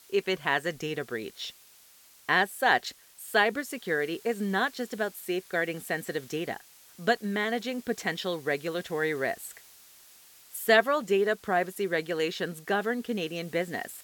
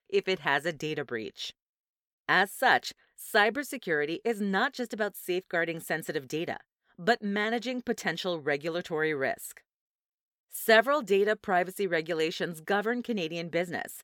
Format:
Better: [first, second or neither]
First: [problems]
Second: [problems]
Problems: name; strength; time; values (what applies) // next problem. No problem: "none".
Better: second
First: hiss; faint; throughout; 25 dB below the speech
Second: none